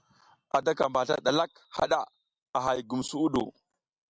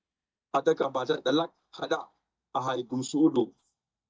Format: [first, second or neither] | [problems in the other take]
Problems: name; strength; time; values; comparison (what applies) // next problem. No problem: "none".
first | noise reduction (neural mask model DeepFilterNet 3)